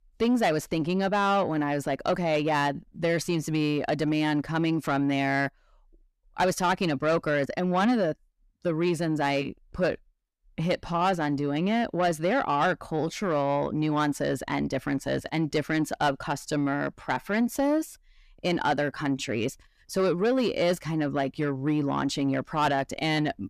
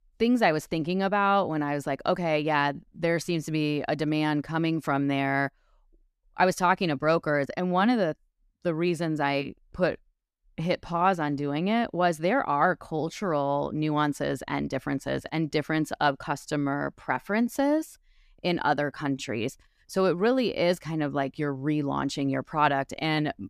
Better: second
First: distortion; slight; 10 dB below the speech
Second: none

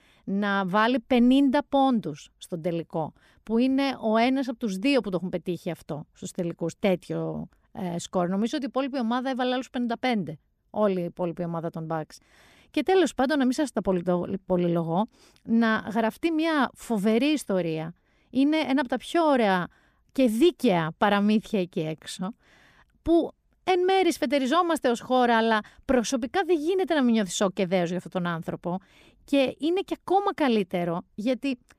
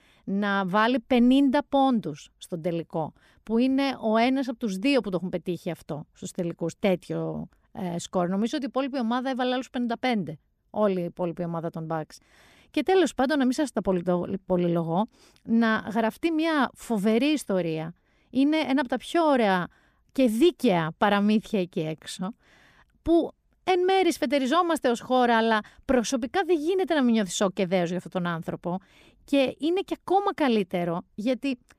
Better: neither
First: none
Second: none

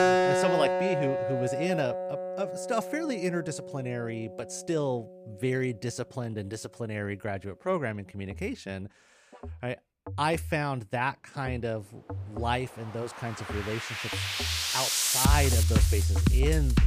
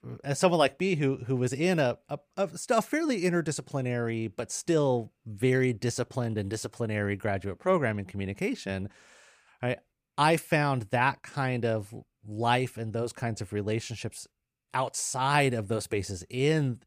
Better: second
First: background music; very loud; throughout; 4 dB above the speech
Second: none

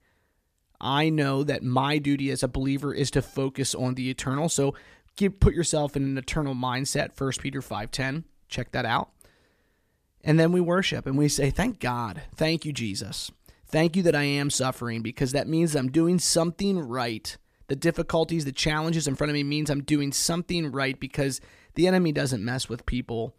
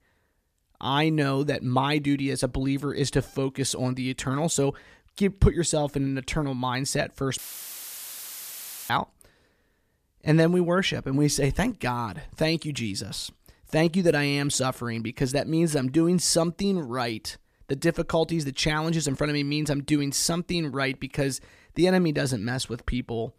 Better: first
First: none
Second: audio cutting out; filled with static; at 7.5 s for 1.5 s

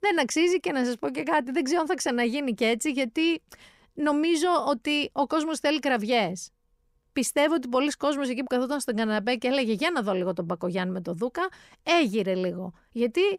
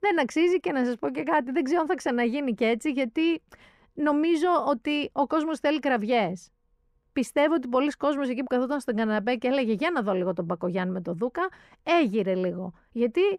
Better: first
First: none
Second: muffled; slightly; fading above 3 kHz

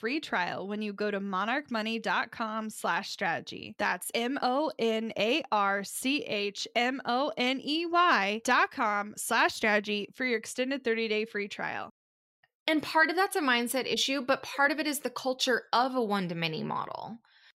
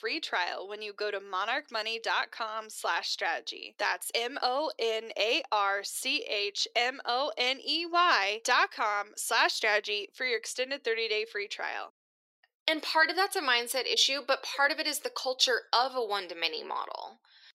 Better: first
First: none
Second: thin; somewhat; fading below 350 Hz

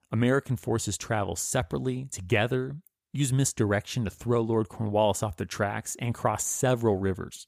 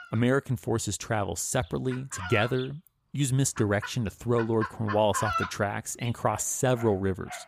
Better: first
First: none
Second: animal sounds; loud; throughout; 9 dB below the speech

